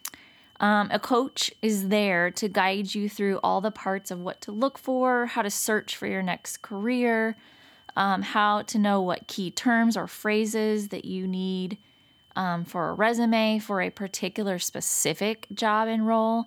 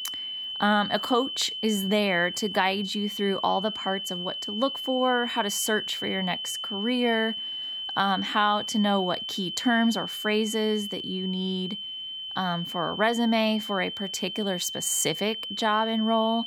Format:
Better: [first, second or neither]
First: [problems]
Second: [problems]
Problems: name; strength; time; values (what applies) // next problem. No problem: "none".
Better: first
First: high-pitched whine; faint; throughout; 3 kHz, 30 dB below the speech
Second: high-pitched whine; loud; throughout; 3 kHz, 5 dB below the speech